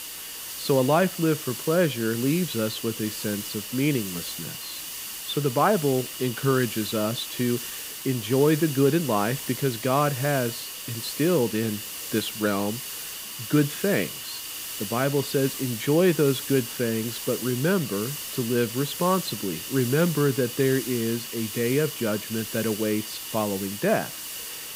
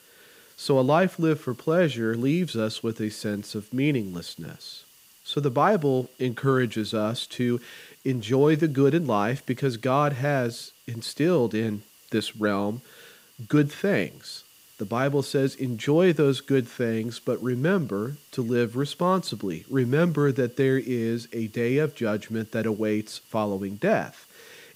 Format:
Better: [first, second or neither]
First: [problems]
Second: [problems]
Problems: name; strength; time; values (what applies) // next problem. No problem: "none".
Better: second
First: hiss; loud; throughout; 7 dB below the speech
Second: hiss; faint; throughout; 25 dB below the speech